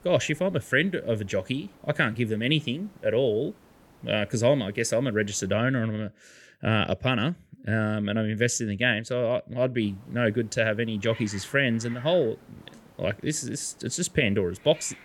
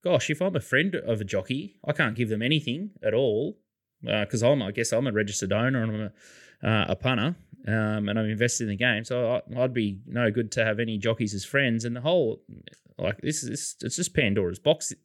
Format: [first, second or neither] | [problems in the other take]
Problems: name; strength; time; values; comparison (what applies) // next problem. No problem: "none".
second | hiss; faint; until 5.5 s and from 10 s on; 25 dB below the speech